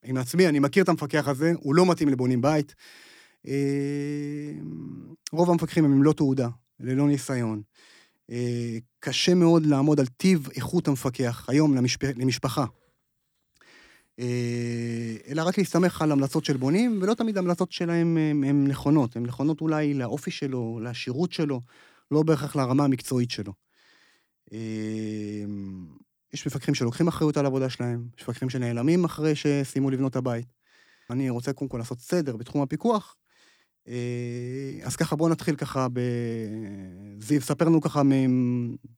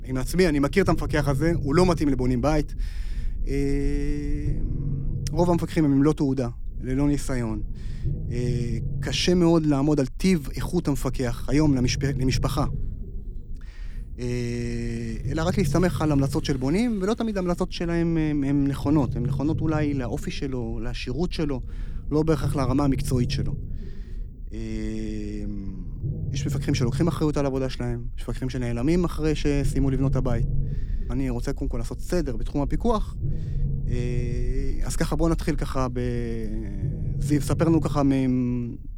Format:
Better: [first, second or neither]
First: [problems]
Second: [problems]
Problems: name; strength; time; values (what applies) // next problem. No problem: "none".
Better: first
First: none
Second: low rumble; noticeable; throughout; 15 dB below the speech